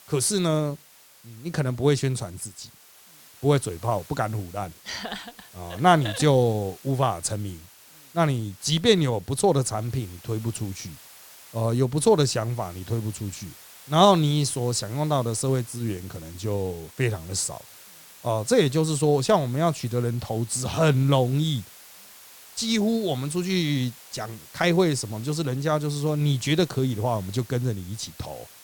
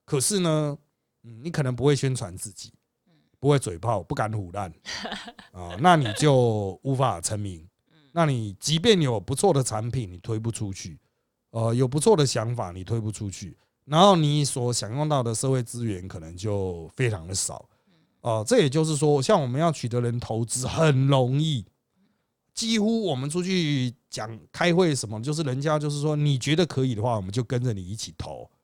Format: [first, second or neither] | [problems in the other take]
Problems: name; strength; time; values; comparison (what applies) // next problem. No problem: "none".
second | hiss; faint; throughout; 20 dB below the speech